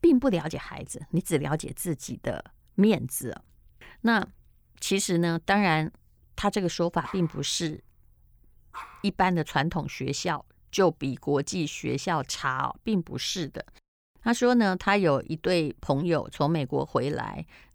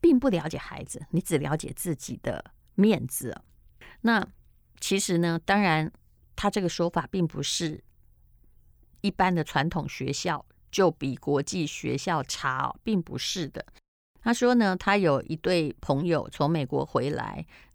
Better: second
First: dog barking; faint; from 7 to 9 s; peak 15 dB below the speech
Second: none

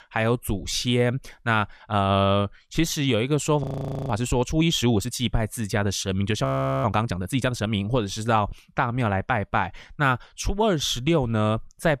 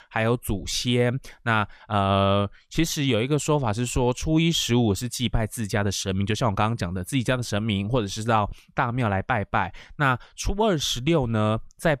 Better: second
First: audio freezing; at 3.5 s and at 6.5 s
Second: none

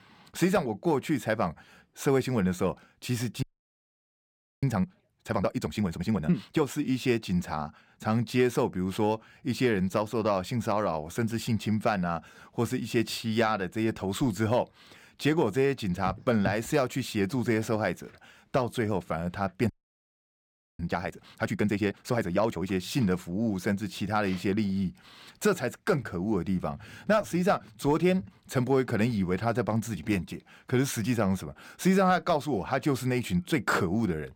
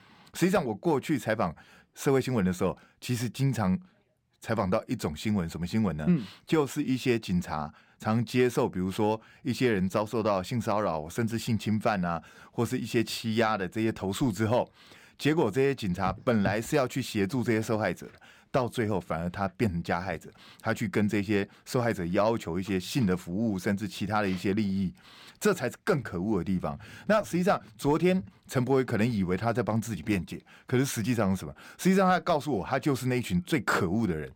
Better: second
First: audio freezing; at 3.5 s for 1 s and at 20 s for 1 s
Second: none

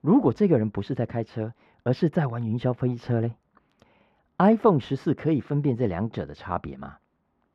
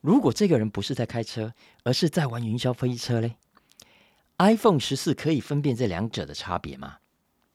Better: second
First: muffled; very; fading above 3.5 kHz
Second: none

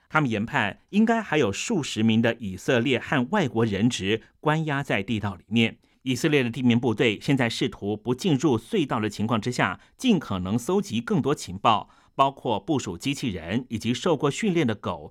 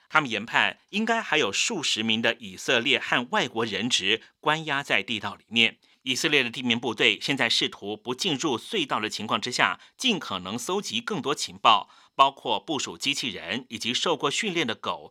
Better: first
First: none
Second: thin; somewhat; fading below 950 Hz

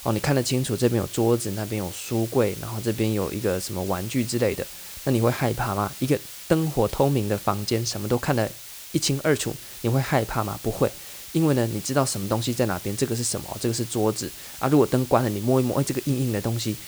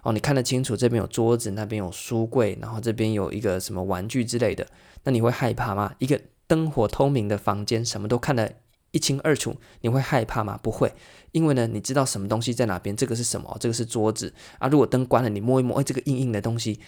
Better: second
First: hiss; noticeable; throughout; 10 dB below the speech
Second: none

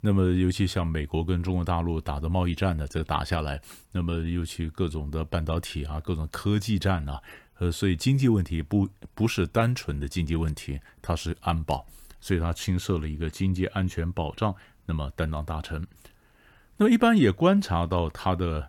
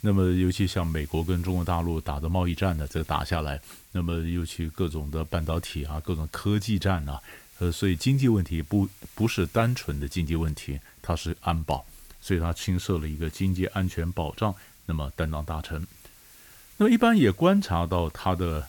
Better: first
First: none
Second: hiss; faint; throughout; 25 dB below the speech

